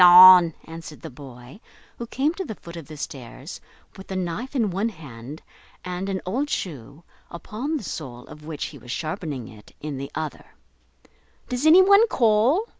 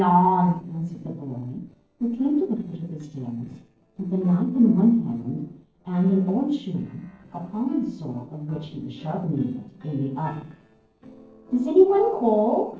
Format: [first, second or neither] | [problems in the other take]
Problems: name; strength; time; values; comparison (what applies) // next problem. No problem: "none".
first | noise reduction (neural separator model SepFormer DNS4)